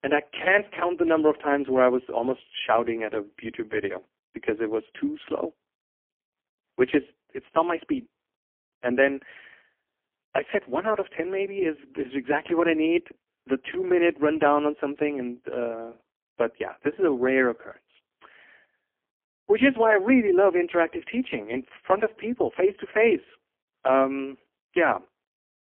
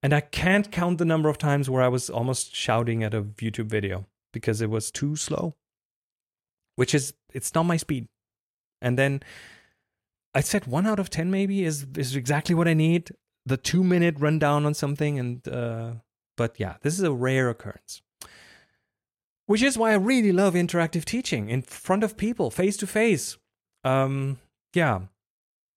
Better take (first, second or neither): second